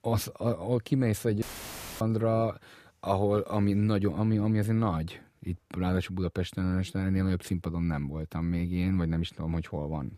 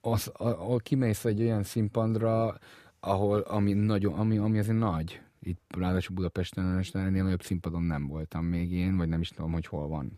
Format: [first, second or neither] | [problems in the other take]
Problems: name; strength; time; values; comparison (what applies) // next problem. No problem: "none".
second | audio cutting out; filled with static; at 1.5 s for 0.5 s